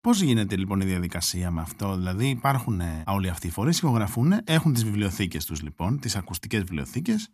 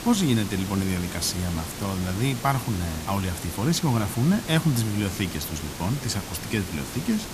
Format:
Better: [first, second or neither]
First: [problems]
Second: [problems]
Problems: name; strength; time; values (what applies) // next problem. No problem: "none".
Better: first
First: none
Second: hiss; loud; throughout; 9 dB below the speech